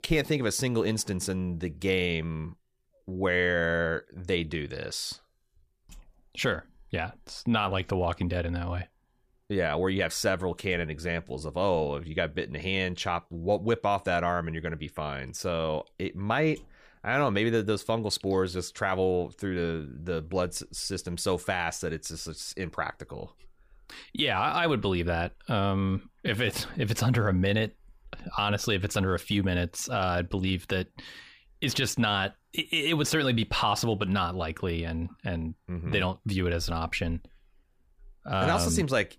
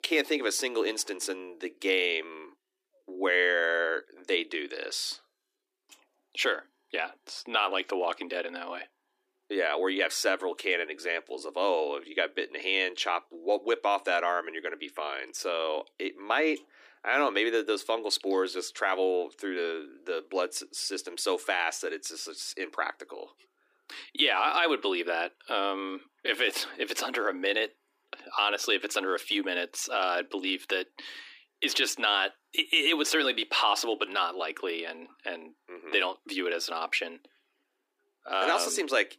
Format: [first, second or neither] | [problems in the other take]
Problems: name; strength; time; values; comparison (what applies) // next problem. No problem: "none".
first | thin; somewhat; fading below 300 Hz